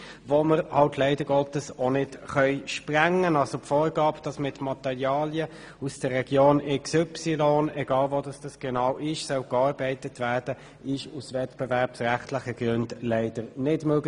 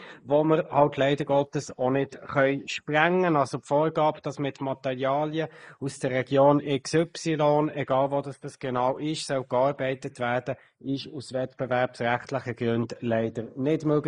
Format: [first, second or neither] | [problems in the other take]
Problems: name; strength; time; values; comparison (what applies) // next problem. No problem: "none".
first | noise reduction (neural mask model Resemble Enhance denoiser)